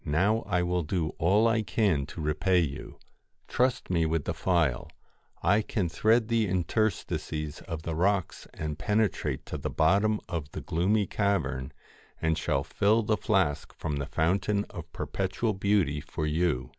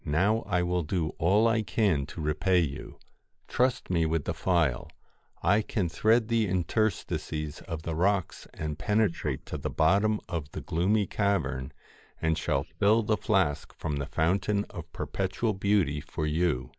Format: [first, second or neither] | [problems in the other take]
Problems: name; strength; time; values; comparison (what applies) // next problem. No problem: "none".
first | noise reduction (neural mask model Resemble Enhance denoiser)